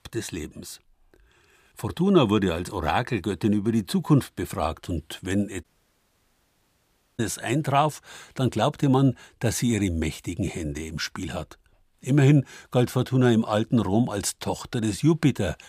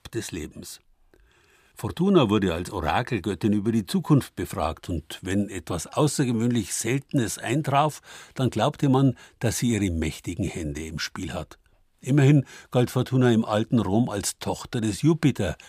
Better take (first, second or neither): second